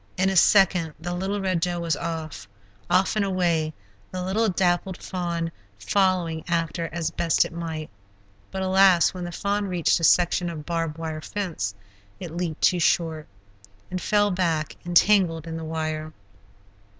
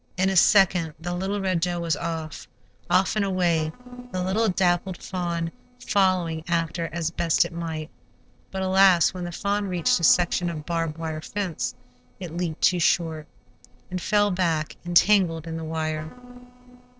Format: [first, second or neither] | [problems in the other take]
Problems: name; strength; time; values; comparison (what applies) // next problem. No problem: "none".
first | noise reduction (neural separator model SepFormer DNS4)